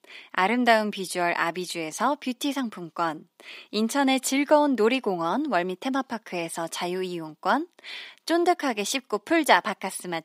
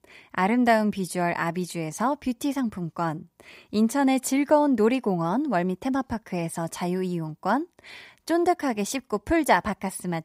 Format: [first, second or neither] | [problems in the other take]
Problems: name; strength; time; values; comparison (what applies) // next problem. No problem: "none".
second | thin; very slightly; fading below 250 Hz